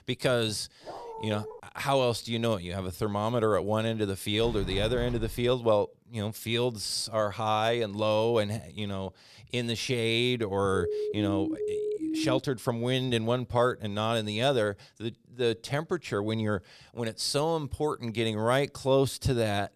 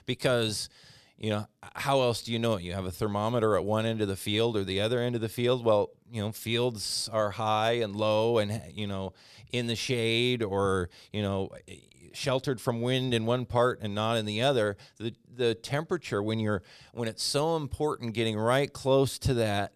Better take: second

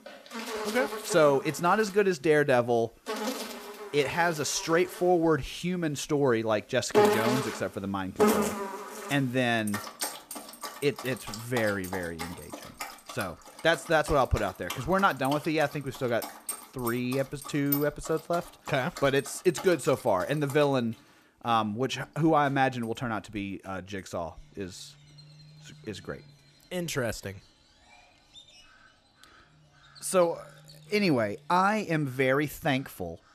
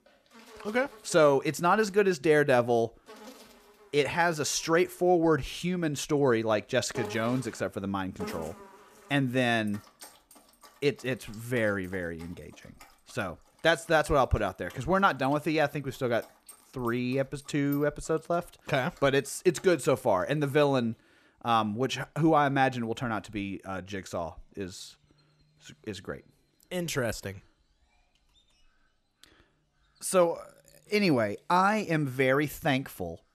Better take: second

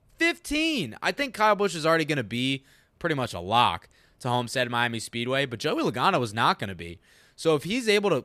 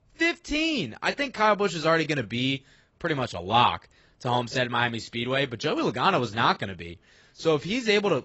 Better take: first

